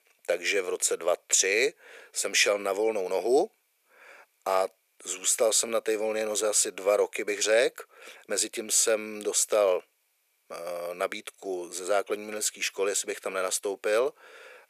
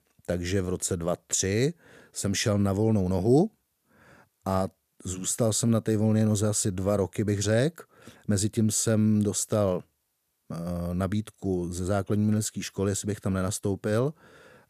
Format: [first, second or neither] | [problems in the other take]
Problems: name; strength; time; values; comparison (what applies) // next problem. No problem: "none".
second | thin; very; fading below 450 Hz